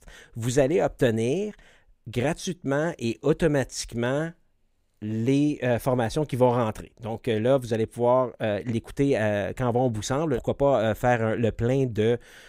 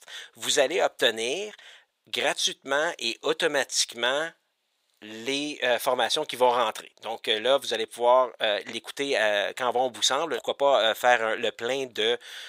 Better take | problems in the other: first | thin; very; fading below 750 Hz

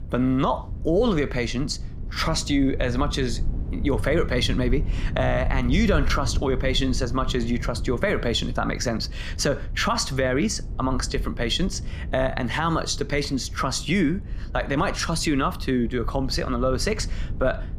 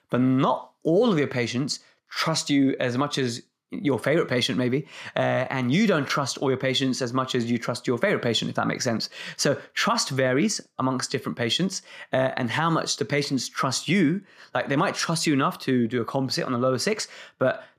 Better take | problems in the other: second | wind noise on the microphone; occasional gusts; 20 dB below the speech

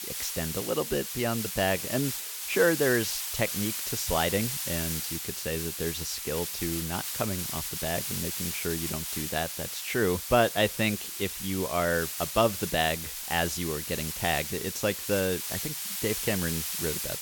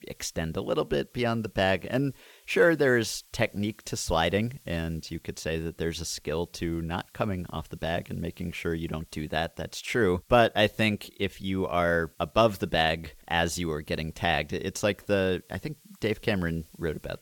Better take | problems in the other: second | hiss; loud; throughout; 2 dB below the speech; faint in the second

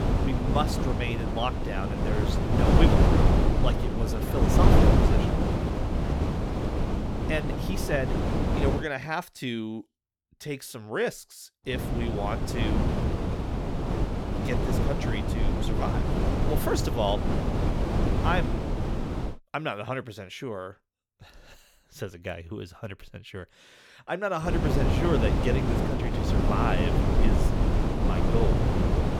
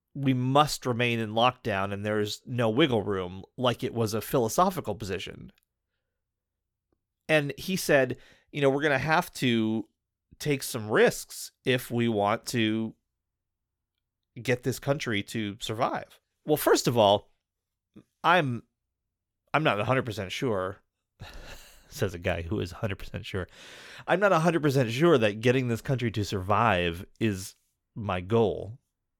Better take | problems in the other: second | wind noise on the microphone; heavy; until 9 s, from 12 to 19 s and from 24 s on; 1 dB above the speech

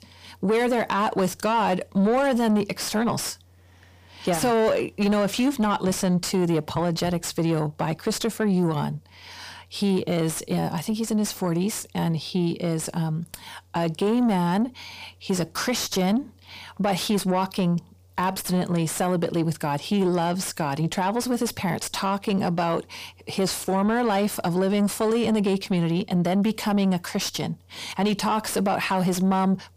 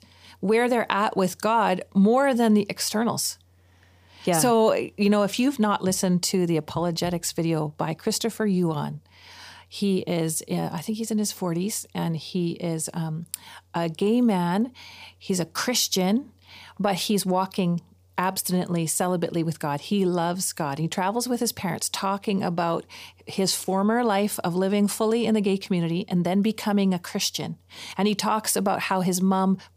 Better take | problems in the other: second | distortion; slight; 10 dB below the speech

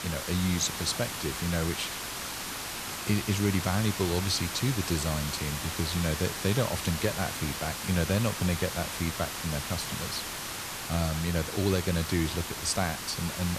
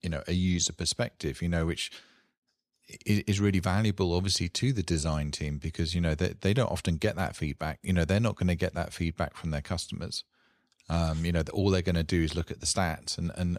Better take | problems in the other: second | hiss; loud; throughout; 4 dB below the speech

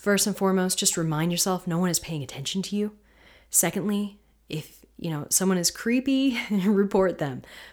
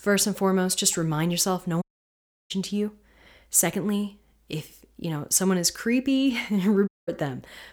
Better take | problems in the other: first | audio cutting out; at 2 s for 0.5 s and at 7 s

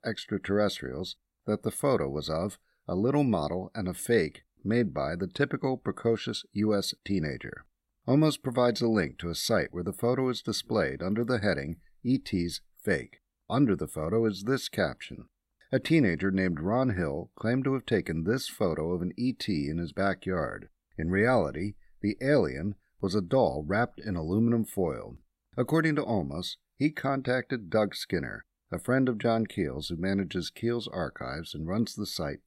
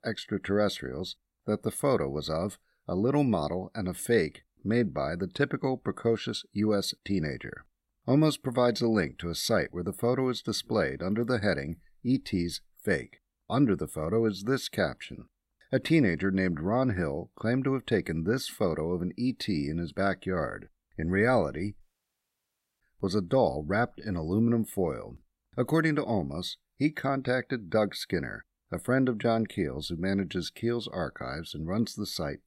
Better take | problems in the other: first | audio cutting out; at 22 s for 1 s

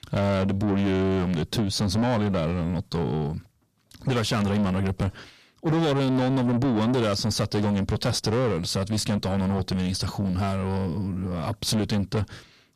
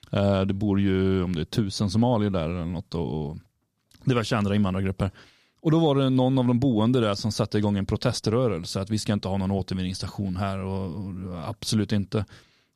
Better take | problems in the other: second | distortion; heavy; 7 dB below the speech

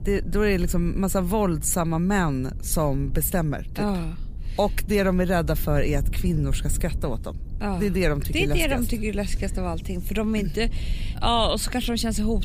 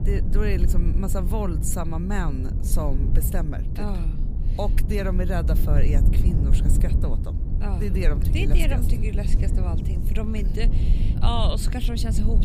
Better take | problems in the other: first | low rumble; loud; throughout; 7 dB below the speech; faint in the first

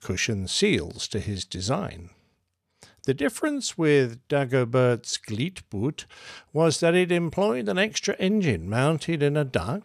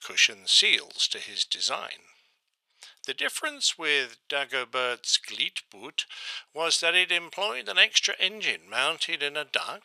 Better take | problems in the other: first | thin; very; fading below 950 Hz

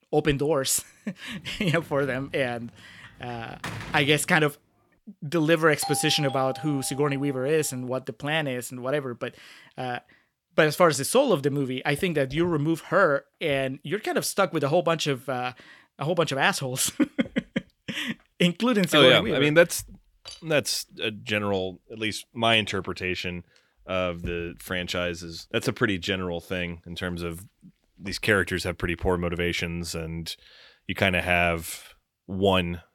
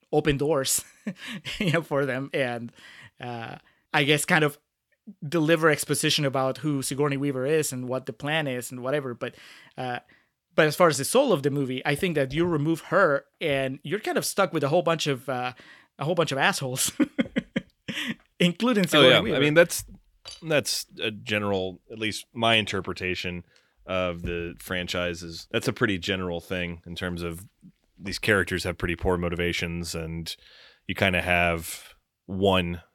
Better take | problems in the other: second | door banging; noticeable; from 1.5 to 4.5 s; peak 10 dB below the speech // doorbell; noticeable; from 6 to 7.5 s; peak 8 dB below the speech

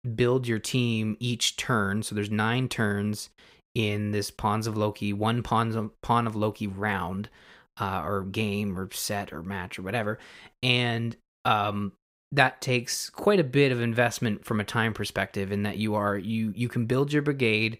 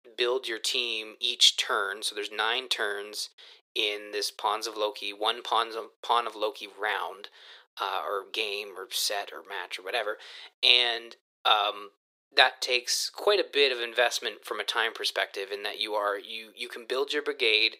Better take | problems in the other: first | thin; very; fading below 400 Hz

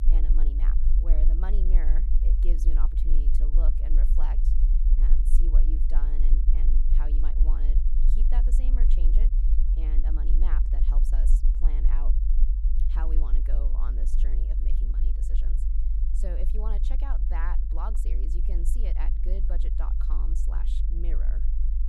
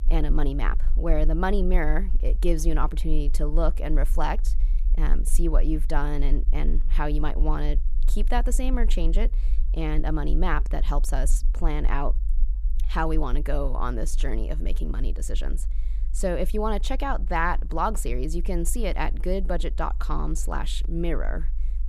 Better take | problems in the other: second | low rumble; loud; throughout; 4 dB below the speech; faint in the second

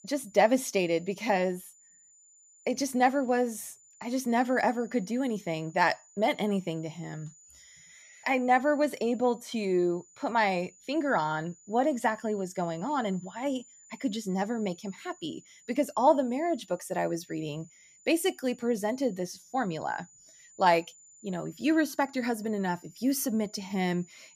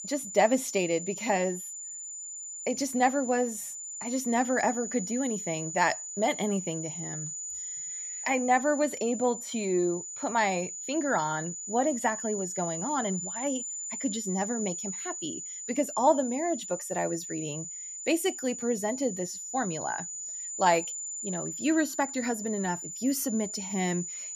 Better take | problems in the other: first | high-pitched whine; loud; throughout; 7 kHz, 6 dB below the speech; faint in the first

